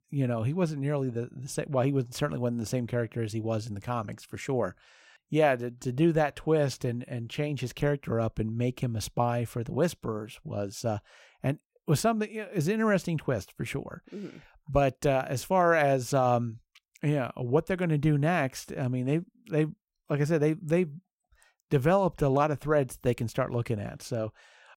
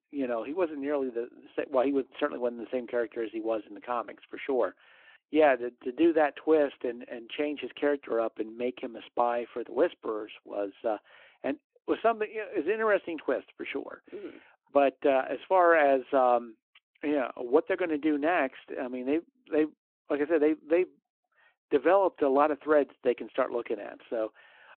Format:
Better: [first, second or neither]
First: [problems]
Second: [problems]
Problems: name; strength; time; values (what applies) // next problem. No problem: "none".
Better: first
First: none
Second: phone-call audio